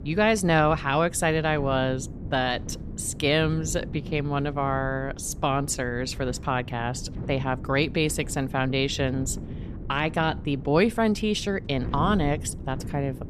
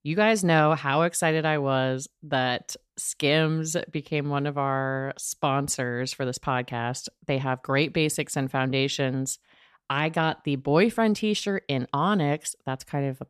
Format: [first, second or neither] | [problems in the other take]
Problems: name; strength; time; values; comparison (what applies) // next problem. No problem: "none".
second | wind noise on the microphone; occasional gusts; 20 dB below the speech